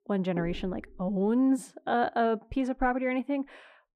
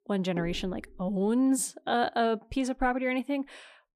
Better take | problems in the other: second | muffled; slightly; fading above 3 kHz

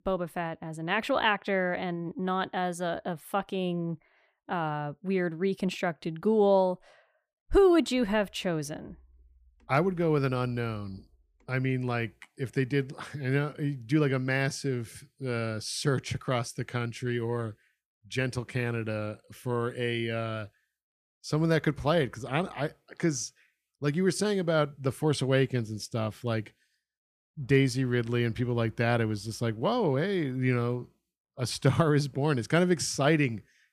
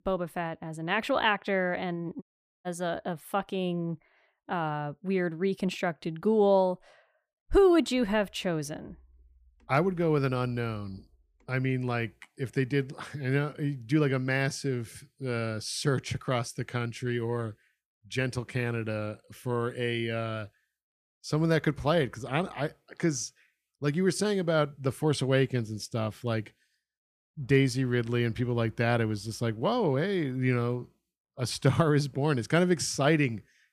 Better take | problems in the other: first | audio cutting out; at 2 s

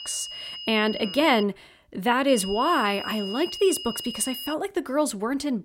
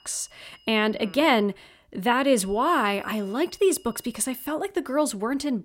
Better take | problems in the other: second | high-pitched whine; loud; until 1.5 s and from 2.5 to 4.5 s; 3 kHz, 10 dB below the speech; faint in the second

